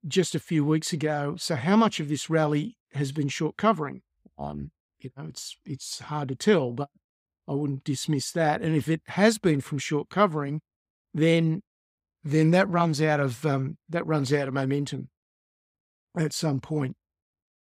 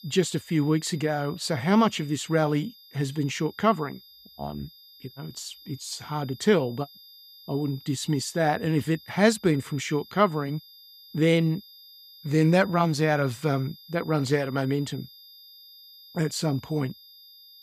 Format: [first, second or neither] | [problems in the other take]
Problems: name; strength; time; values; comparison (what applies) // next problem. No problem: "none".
first | high-pitched whine; faint; throughout; 5 kHz, 20 dB below the speech